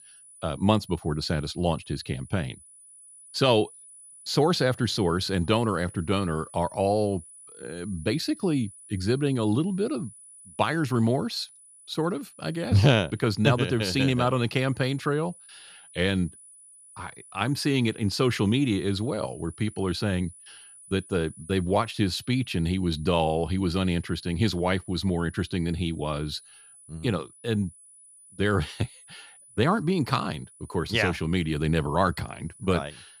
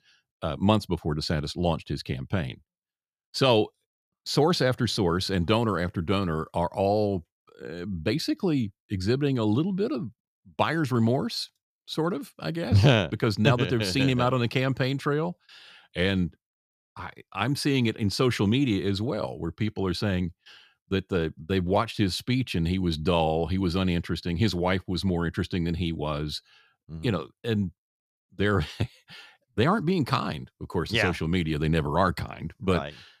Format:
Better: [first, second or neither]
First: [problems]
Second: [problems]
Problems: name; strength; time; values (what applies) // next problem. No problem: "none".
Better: second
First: high-pitched whine; faint; throughout; 10 kHz, 20 dB below the speech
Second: none